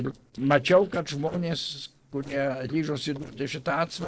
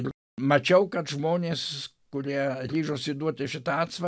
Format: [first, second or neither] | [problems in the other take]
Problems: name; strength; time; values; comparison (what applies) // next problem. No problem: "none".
second | noise reduction (neural separator model SepFormer DNS4)